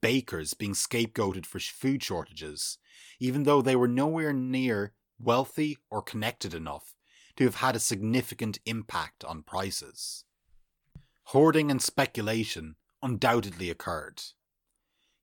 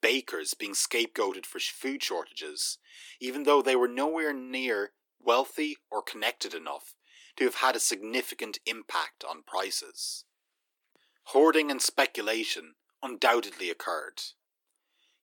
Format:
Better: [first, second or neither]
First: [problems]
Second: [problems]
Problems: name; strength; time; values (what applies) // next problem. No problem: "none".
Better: first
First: none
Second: thin; somewhat; fading below 300 Hz